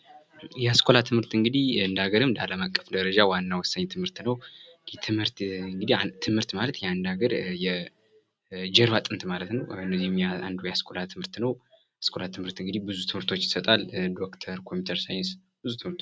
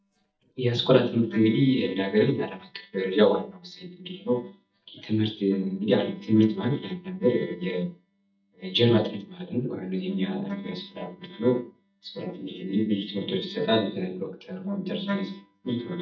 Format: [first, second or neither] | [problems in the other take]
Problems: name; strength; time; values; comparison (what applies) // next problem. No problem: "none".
first | noise reduction (neural mask model DeepFilterNet 3)